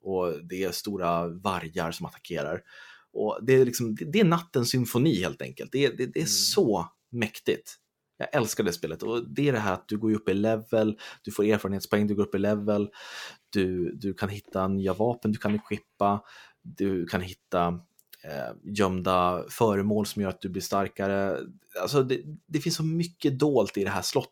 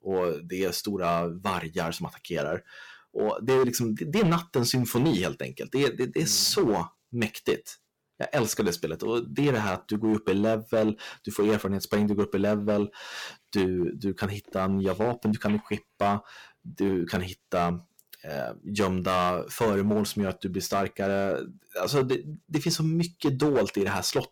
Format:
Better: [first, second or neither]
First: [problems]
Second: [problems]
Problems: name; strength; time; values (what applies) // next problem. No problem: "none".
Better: first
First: none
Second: distortion; slight; 6% of the sound clipped